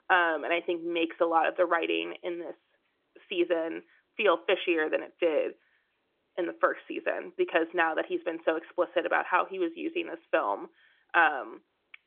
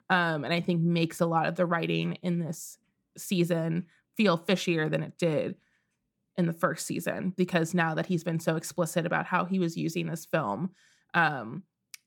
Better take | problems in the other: second | phone-call audio; nothing above 3.5 kHz

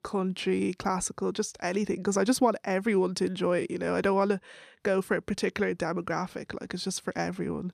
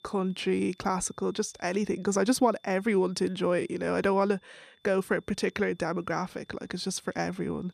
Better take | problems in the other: first | high-pitched whine; faint; throughout; 3.5 kHz, 35 dB below the speech

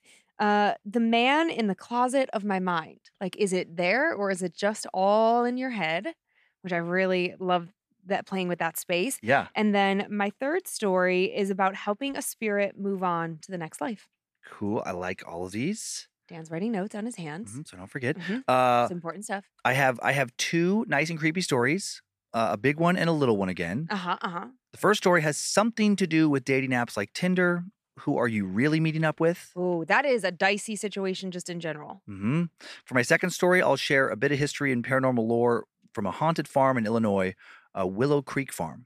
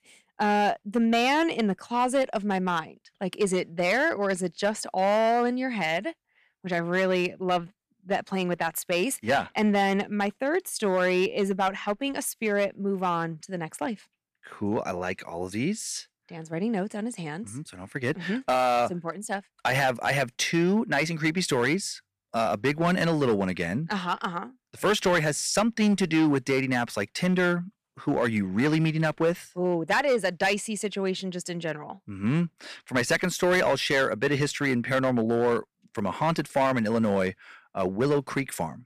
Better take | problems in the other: first | distortion; slight; 4% of the sound clipped

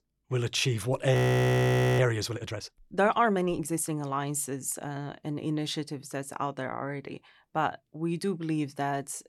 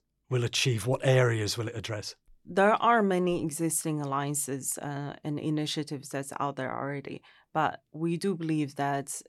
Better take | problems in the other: second | audio freezing; at 1 s for 1 s

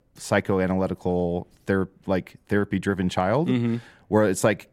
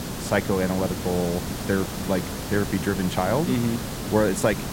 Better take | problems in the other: first | hiss; loud; throughout; 5 dB below the speech

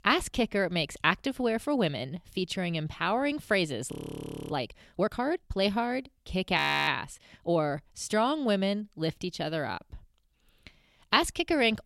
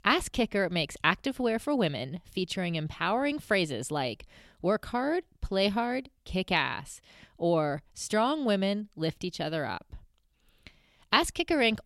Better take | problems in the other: second | audio freezing; at 4 s for 0.5 s and at 6.5 s

